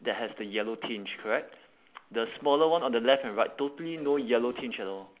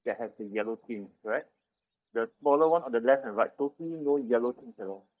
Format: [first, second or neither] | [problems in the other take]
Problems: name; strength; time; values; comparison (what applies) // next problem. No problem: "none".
first | noise reduction (neural mask model DeepFilterNet 3)